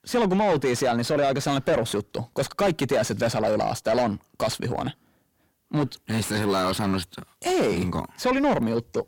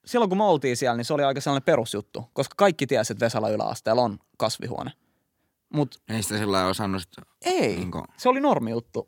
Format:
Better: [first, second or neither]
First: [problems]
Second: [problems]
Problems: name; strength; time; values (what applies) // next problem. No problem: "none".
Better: second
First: distortion; heavy; 7 dB below the speech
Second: none